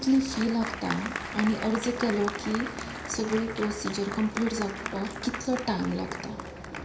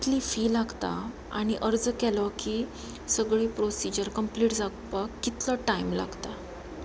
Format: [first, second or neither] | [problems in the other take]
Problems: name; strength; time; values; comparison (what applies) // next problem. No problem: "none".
second | background sound (Applause); 8 dB below the speech // room echo; dies away in 0.5 s